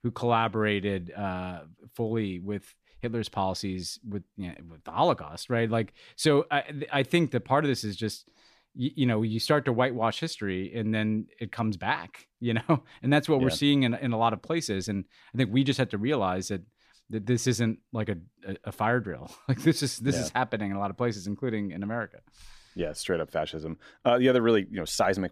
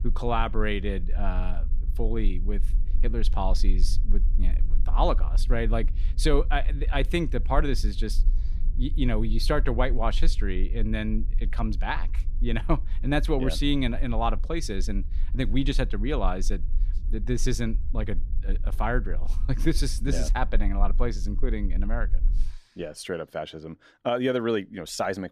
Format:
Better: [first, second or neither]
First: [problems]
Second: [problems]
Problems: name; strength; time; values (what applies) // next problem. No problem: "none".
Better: first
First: none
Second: low rumble; faint; until 22 s; 20 dB below the speech